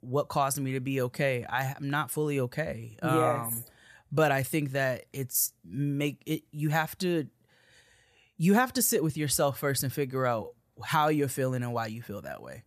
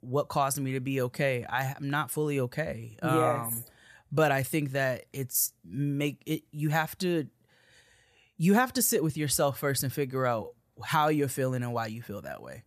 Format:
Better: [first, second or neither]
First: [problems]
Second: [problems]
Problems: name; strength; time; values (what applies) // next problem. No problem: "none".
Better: neither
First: none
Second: none